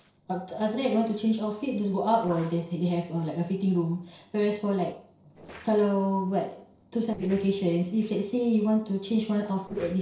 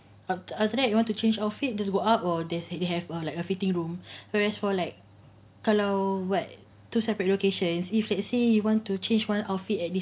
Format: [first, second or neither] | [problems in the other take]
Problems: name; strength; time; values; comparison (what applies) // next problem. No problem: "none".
second | noise reduction (neural separator model SepFormer DNS4)